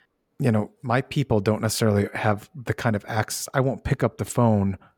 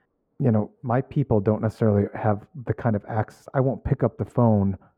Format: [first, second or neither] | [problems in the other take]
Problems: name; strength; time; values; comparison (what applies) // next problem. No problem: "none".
first | muffled; very; fading above 2 kHz